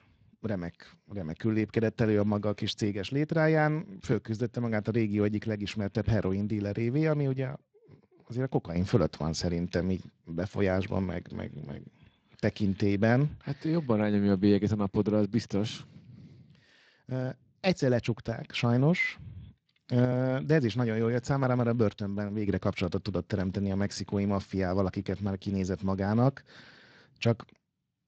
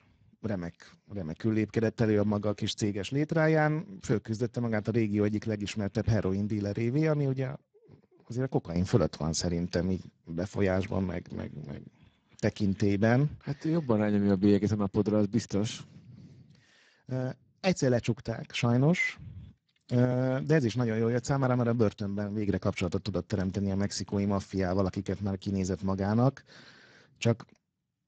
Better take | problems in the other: first | garbled, watery; badly; nothing above 7.5 kHz; slightly in the first

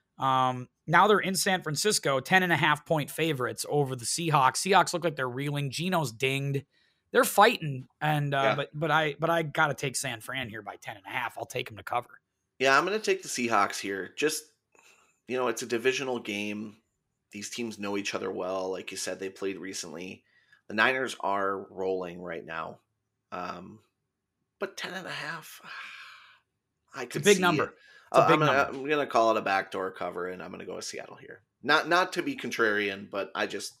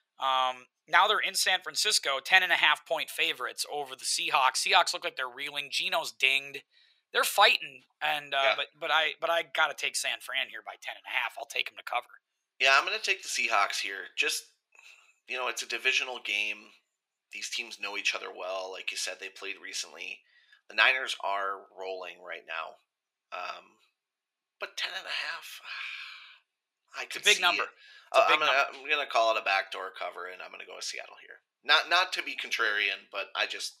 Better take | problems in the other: first | thin; very; fading below 700 Hz

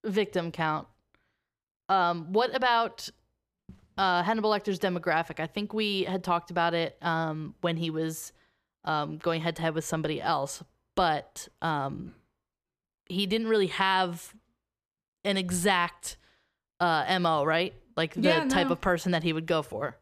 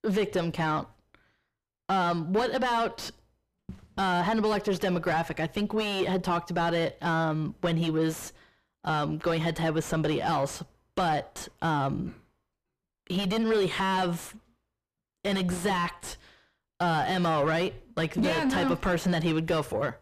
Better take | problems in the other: first | distortion; heavy; 5 dB below the speech

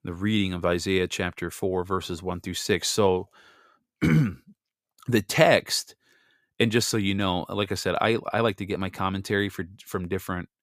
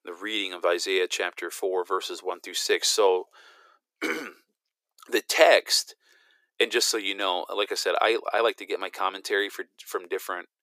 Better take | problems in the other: first | thin; very; fading below 350 Hz

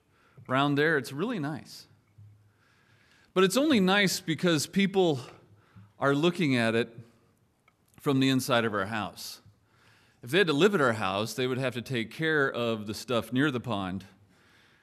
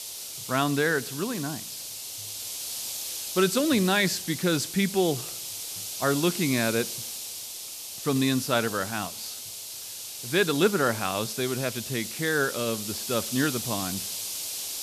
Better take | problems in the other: first | hiss; loud; throughout; 6 dB below the speech

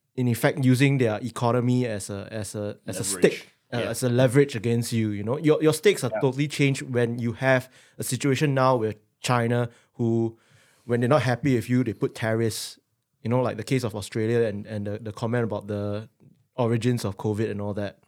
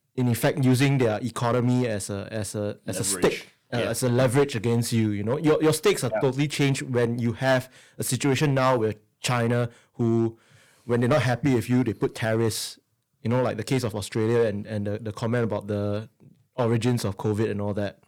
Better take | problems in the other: first | distortion; slight; 5% of the sound clipped

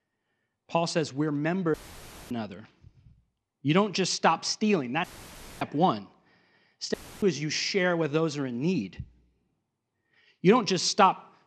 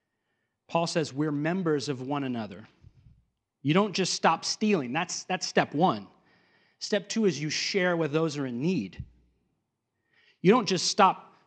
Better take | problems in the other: second | audio cutting out; filled with static; at 1.5 s for 0.5 s, at 5 s for 0.5 s and at 7 s

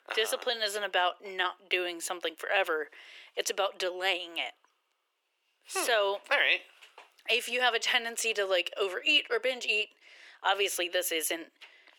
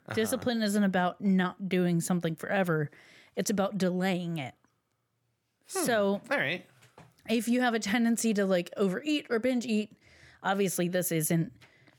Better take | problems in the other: second | thin; very; fading below 350 Hz

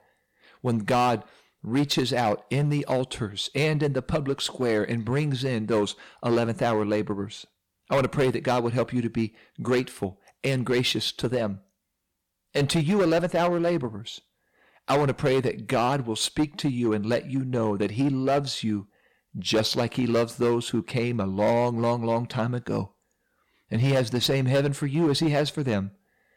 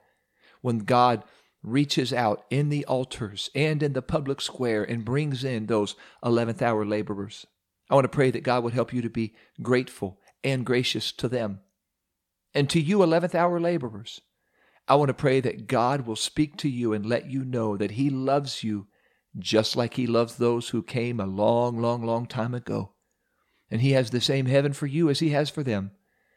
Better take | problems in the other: second | distortion; slight; 7% of the sound clipped

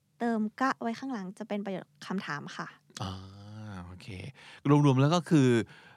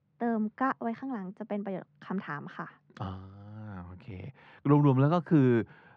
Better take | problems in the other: first | muffled; very; fading above 1.5 kHz

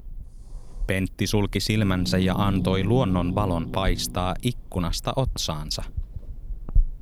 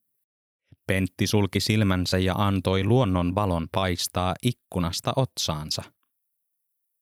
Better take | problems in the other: second | hiss; loud; throughout; 8 dB below the speech

